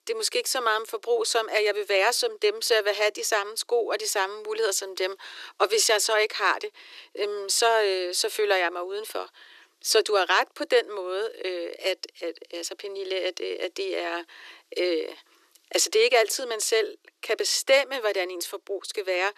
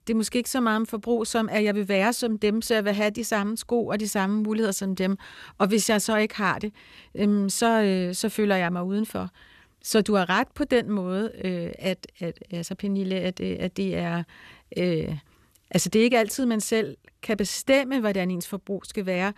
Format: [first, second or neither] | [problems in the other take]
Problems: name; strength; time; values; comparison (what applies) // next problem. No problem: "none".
second | thin; very; fading below 350 Hz